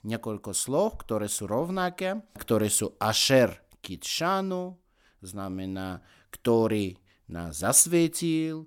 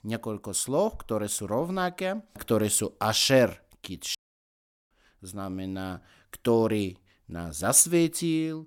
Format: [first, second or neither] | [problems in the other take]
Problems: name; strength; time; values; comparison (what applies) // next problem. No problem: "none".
first | audio cutting out; at 4 s for 1 s